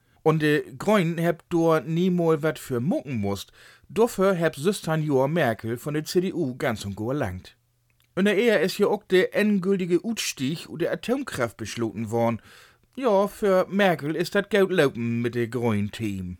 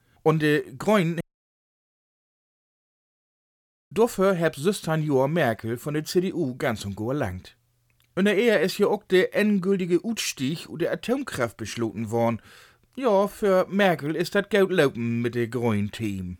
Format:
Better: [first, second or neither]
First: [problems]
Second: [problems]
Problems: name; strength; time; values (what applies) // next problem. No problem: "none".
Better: first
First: none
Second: audio cutting out; at 1 s for 2.5 s